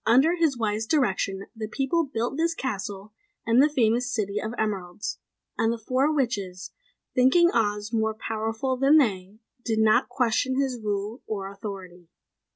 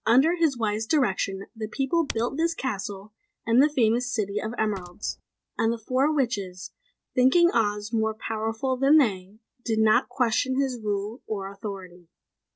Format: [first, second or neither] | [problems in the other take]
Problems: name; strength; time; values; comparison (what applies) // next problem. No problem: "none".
first | noise reduction (neural separator model SepFormer DNS4)